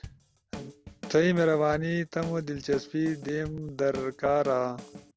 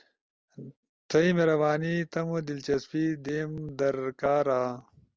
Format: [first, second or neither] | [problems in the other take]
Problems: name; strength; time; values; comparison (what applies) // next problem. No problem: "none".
second | background sound (Drum / Drum kit); 16 dB below the speech